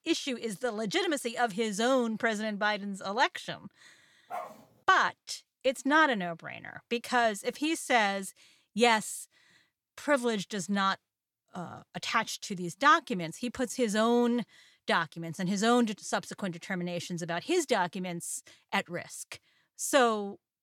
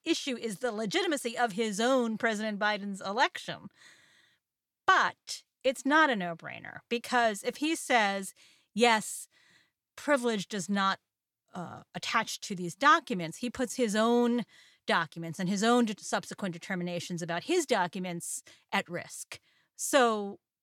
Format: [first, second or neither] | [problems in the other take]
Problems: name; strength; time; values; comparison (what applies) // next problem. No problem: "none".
second | dog barking; faint; at 4.5 s; peak 10 dB below the speech